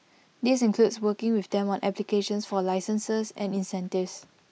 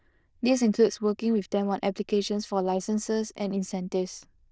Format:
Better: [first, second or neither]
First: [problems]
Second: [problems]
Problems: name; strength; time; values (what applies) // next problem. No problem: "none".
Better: first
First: none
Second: noise reduction (neural diffusion model UNIVERSE++)